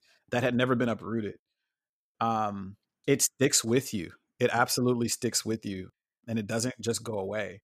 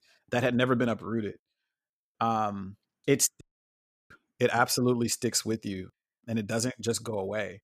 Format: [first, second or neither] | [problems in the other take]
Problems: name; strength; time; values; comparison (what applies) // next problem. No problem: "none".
first | audio cutting out; at 3.5 s for 0.5 s